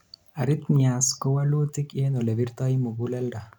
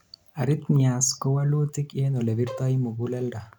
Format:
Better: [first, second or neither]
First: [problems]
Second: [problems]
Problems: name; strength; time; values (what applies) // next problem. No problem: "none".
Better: first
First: none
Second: background sound (Bowed string instrument); 18 dB below the speech